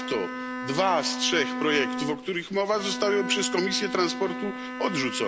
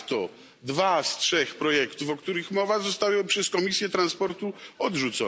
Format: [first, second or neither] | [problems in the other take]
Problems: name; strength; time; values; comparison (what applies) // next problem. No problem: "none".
second | background sound (Bowed string instrument); 6 dB below the speech